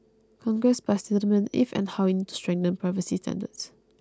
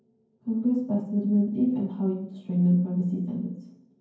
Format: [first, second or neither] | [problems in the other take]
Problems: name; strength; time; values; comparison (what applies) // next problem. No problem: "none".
first | room echo; dies away in 0.9 s